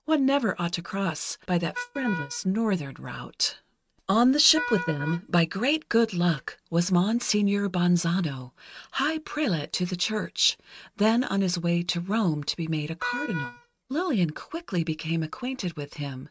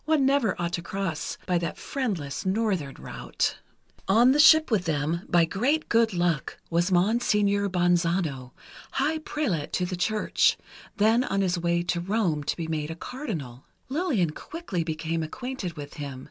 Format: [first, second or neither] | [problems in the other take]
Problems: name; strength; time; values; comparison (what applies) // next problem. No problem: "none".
second | noise reduction (neural mask model RNNoise)